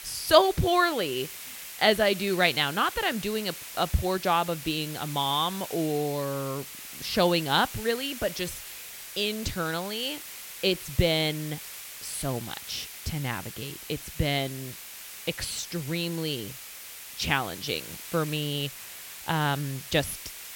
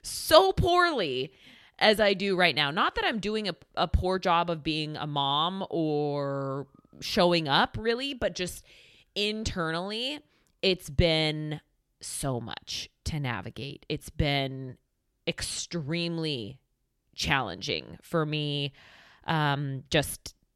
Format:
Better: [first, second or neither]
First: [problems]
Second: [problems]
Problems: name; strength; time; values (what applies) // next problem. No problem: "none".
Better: second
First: hiss; noticeable; throughout; 10 dB below the speech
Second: none